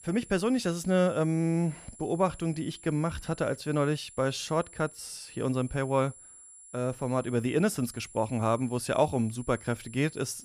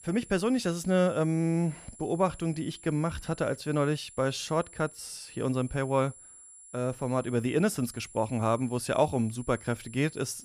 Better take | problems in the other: neither | high-pitched whine; noticeable; throughout; 10 kHz, 20 dB below the speech; the same in both

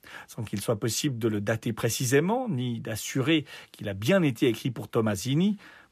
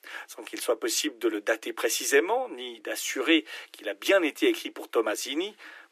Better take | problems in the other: first | thin; very; fading below 300 Hz

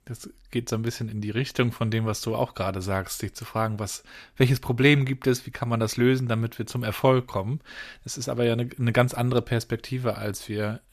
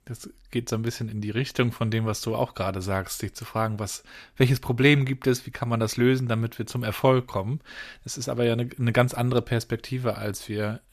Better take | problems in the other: neither | none

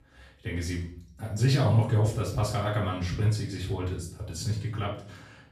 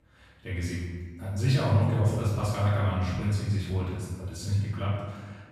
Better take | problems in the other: first | room echo; strong; dies away in 1.3 s; slight in the first // off-mic speech; far; far in the first

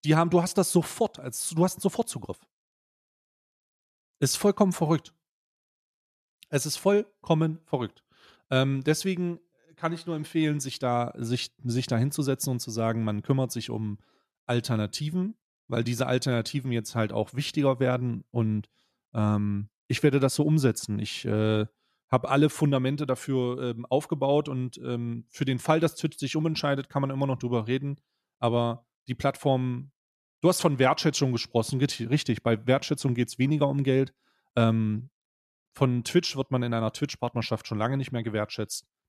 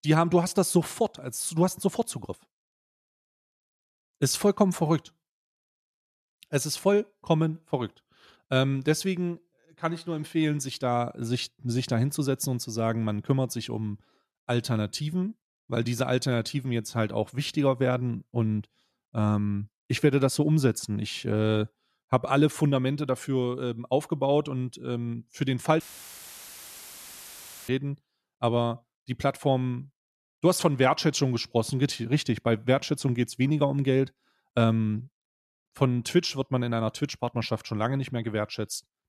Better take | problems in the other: first | audio cutting out; filled with static; at 26 s for 2 s

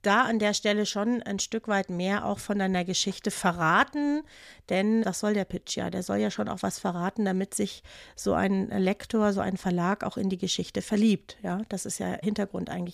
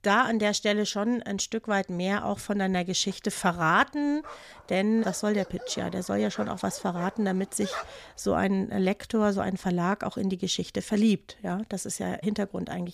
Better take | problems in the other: first | dog barking; noticeable; from 4 to 8 s; peak 9 dB below the speech

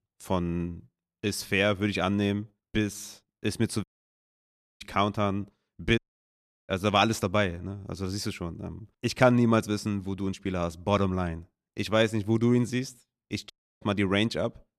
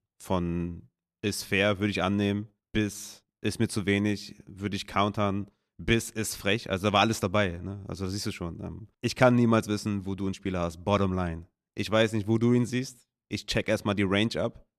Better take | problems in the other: second | audio cutting out; at 4 s for 1 s, at 6 s for 0.5 s and at 14 s

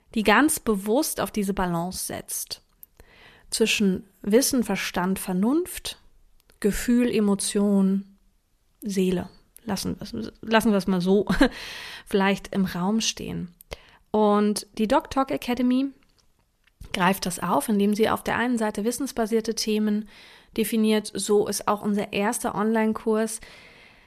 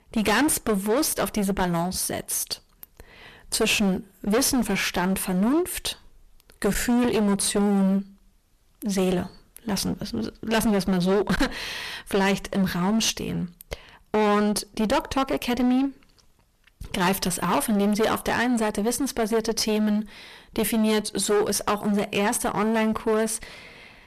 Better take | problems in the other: first | distortion; heavy; 16% of the sound clipped

